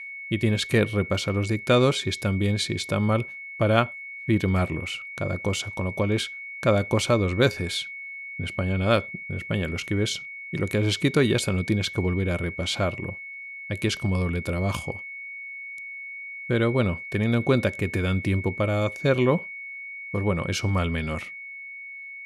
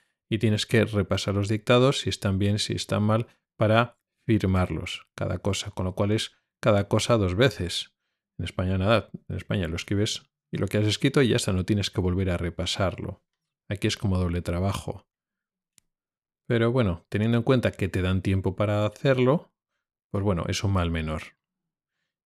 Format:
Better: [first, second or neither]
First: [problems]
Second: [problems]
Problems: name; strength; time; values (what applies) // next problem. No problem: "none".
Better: second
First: high-pitched whine; noticeable; throughout; 2 kHz, 10 dB below the speech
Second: none